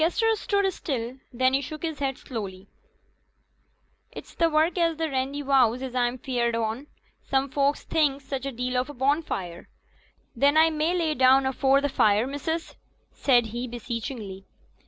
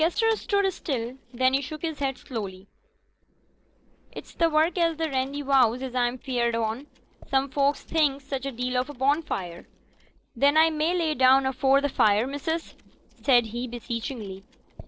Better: first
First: none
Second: noise reduction (neural separator model SepFormer DNS4)

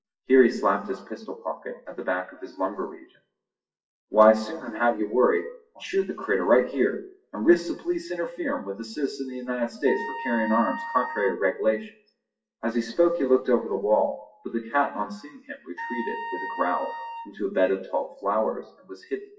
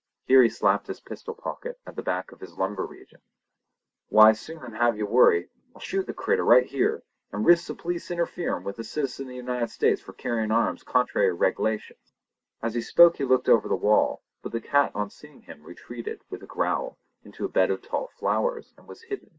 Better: second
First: noise reduction (classical method WPE with log-MMSE)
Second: none

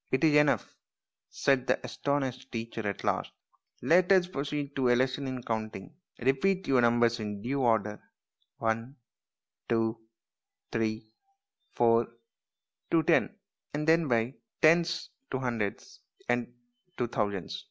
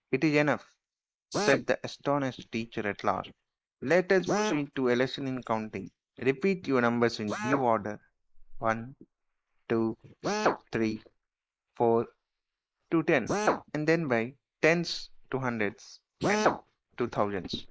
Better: first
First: none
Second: noise reduction (neural mask model Resemble Enhance denoiser)

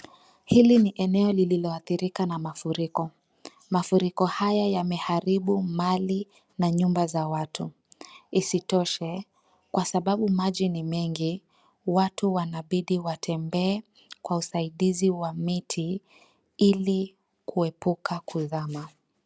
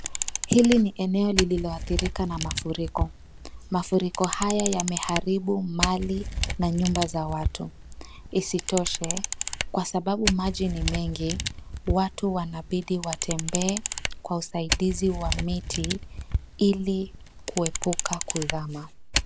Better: first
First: none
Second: background sound (Camera); 4 dB below the speech

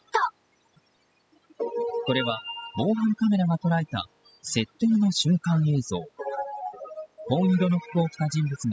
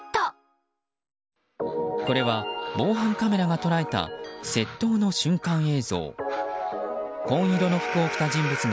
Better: second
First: noise reduction (classical method spectral subtraction)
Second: none

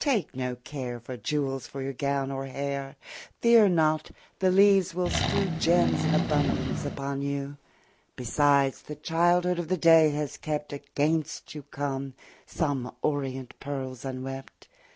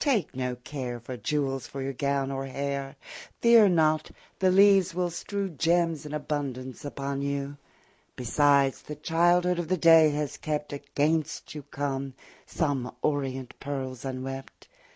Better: second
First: background sound (Accelerating, revving, vroom); as loud as the speech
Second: none

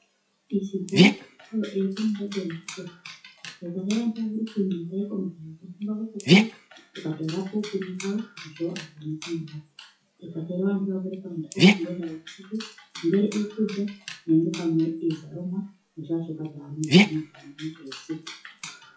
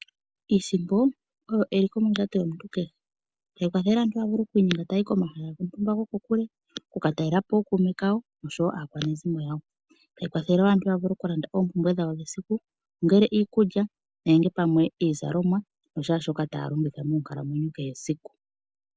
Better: second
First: noise reduction (classical method WPE with log-MMSE)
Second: none

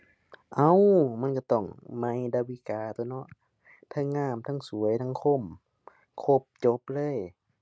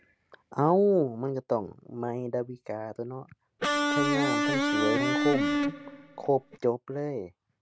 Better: first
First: none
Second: background sound (Electric guitar); 3 dB above the speech

